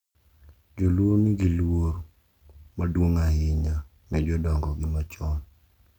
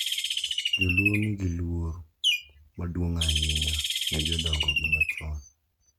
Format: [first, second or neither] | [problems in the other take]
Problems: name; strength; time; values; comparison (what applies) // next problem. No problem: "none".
first | noise reduction (neural mask model RNNoise)